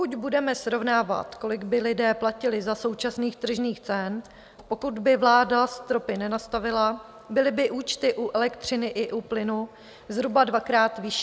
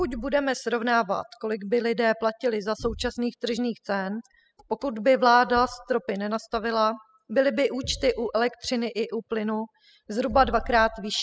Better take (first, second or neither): first